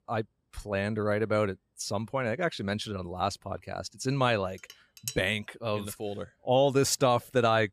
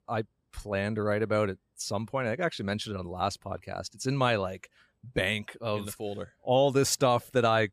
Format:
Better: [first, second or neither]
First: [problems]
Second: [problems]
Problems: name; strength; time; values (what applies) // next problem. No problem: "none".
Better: second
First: clattering dishes; noticeable; at 4.5 s; peak 9 dB below the speech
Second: none